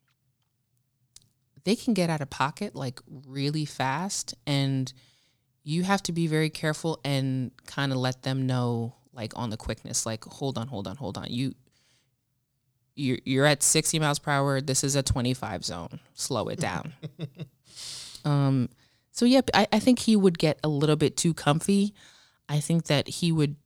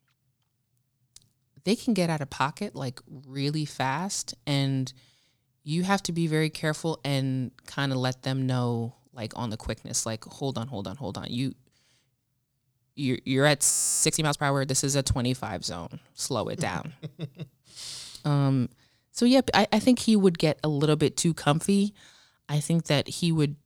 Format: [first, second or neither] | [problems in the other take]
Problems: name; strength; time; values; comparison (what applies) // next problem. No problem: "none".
first | audio freezing; at 14 s